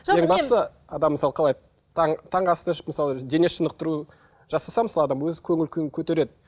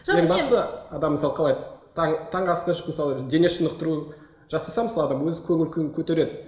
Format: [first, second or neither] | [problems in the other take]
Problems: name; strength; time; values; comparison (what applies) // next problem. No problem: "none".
first | room echo; dies away in 1 s